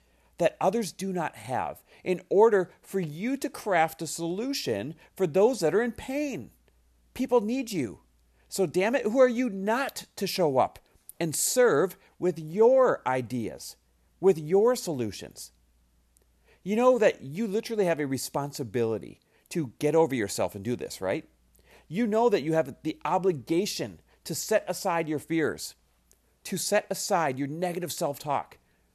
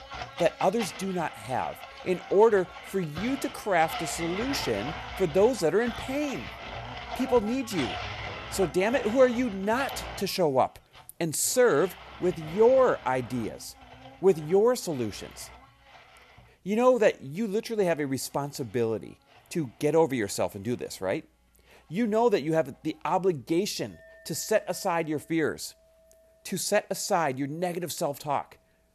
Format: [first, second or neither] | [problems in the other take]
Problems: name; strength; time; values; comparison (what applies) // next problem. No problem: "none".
first | household noises; noticeable; throughout; 10 dB below the speech